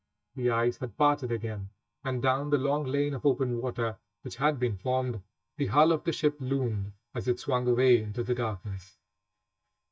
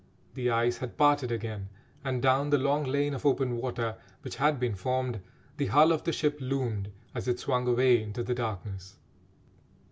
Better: second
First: noise reduction (neural mask model DeepFilterNet 3)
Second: none

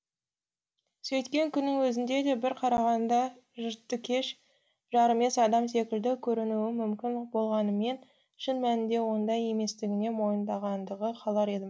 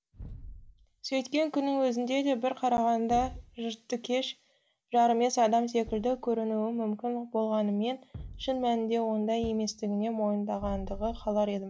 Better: first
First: none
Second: background sound (Thump, thud + Bass drum); 18 dB below the speech

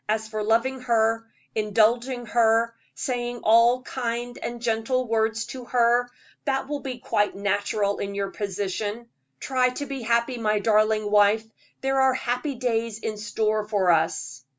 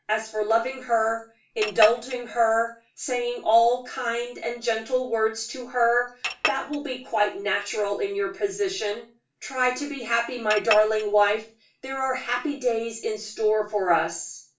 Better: first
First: none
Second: background sound (Chink, clink); 7 dB below the speech // room echo; dies away in 0.3 s

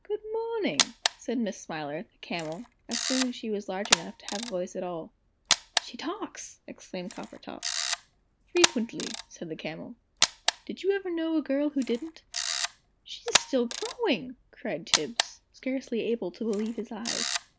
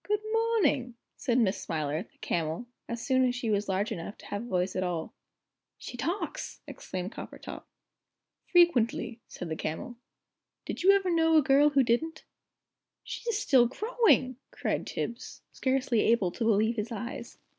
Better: second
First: background sound (Camera); 1 dB below the speech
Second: none

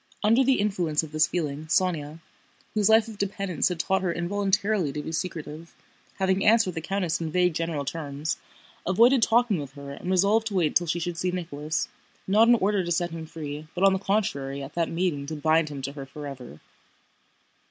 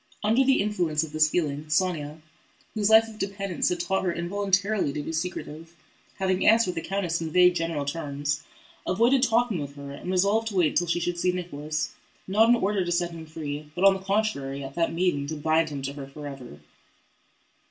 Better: first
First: none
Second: room echo; dies away in 0.2 s

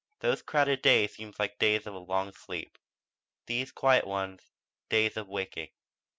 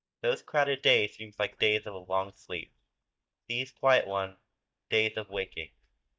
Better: first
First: none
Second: noise reduction (neural mask model DeepFilterNet 3)

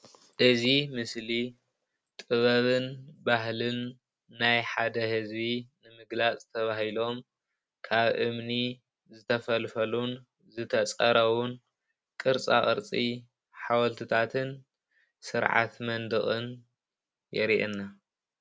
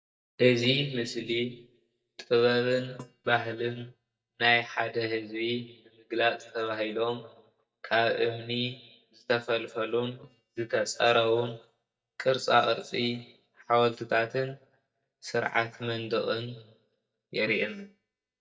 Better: first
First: none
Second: noise reduction (neural mask model DeepFilterNet 3)

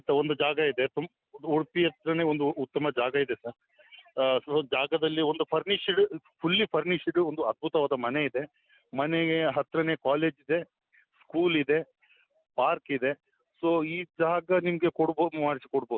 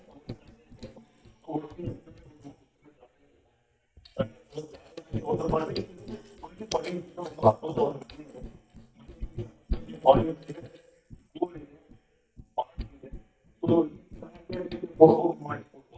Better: first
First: none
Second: noise reduction (neural mask model DeepFilterNet 3)

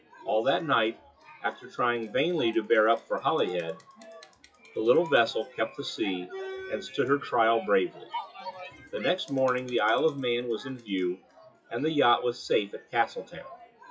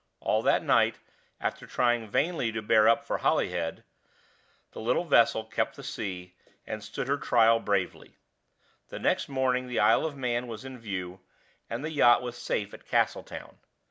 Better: second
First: noise reduction (classical method WPE with log-MMSE)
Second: none

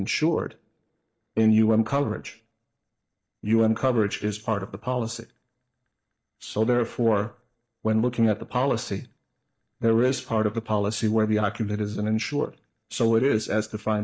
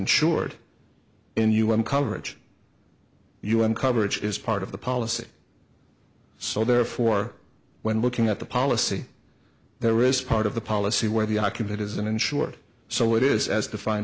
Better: second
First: noise reduction (neural mask model DeepFilterNet 3)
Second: none

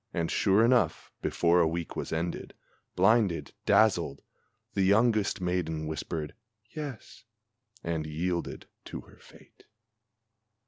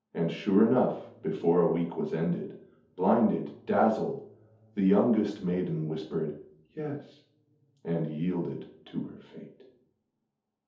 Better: first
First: none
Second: room echo; dies away in 0.6 s

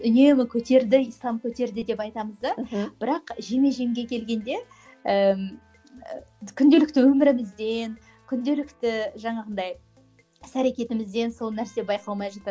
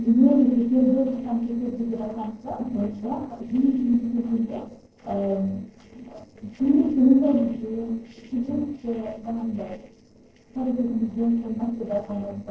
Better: first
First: none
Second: noise reduction (neural separator model SepFormer DNS4)

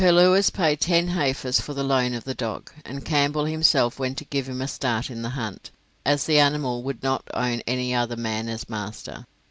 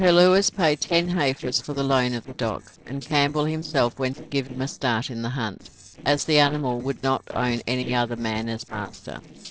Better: first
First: none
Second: noise reduction (neural separator model SepFormer DNS4)

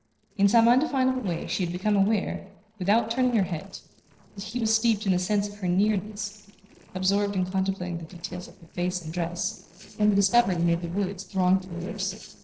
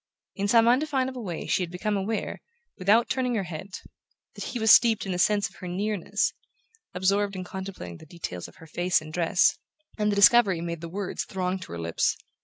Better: second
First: noise reduction (neural separator model SepFormer DNS4)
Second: none

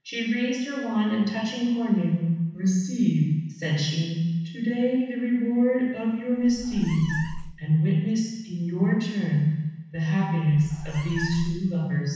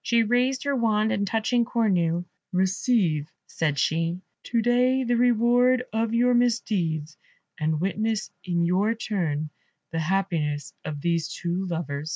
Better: second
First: background sound (Meow); 12 dB below the speech // room echo; dies away in 1.1 s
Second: none

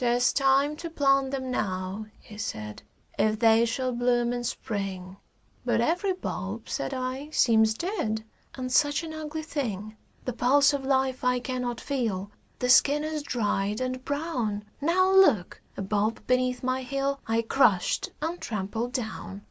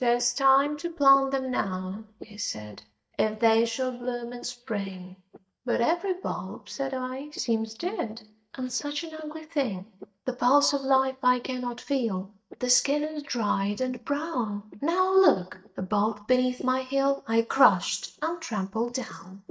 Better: first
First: none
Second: noise reduction (neural mask model DeepFilterNet 3)

